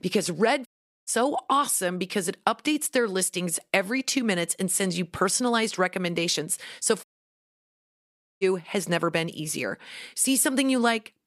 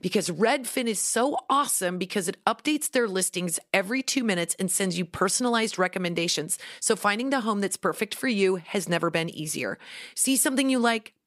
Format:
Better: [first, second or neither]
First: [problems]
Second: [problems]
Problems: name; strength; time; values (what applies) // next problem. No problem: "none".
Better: second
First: audio cutting out; at 0.5 s and at 7 s for 1.5 s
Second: none